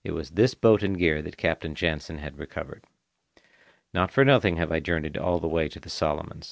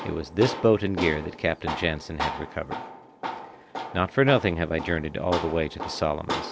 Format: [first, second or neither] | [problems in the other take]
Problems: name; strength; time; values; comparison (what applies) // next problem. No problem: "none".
first | background sound (Tools); 8 dB below the speech